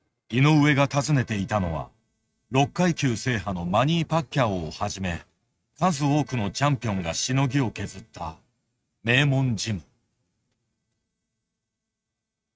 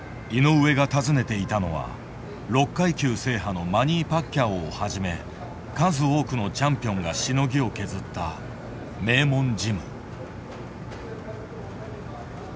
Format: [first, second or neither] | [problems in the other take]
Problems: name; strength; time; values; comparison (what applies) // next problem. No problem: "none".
second | noise reduction (neural mask model RNNoise)